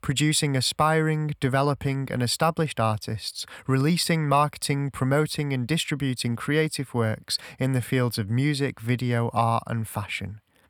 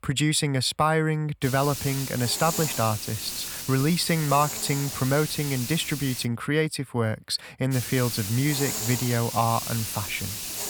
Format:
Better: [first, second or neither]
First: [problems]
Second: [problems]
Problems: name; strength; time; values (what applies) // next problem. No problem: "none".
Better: first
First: none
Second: hiss; loud; from 1.5 to 6 s and from 7.5 s on; 5 dB below the speech